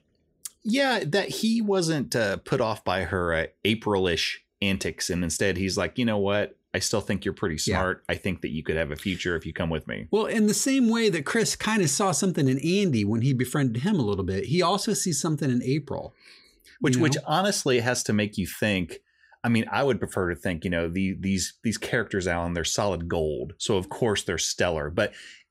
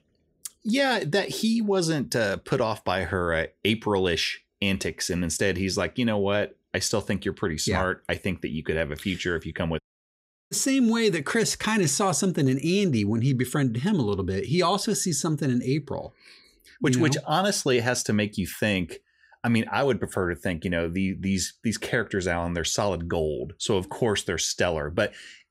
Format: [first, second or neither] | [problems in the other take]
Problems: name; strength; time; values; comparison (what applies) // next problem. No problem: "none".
first | audio cutting out; at 10 s for 0.5 s